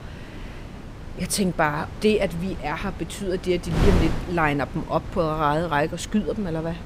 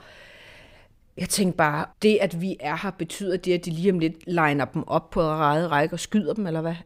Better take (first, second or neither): second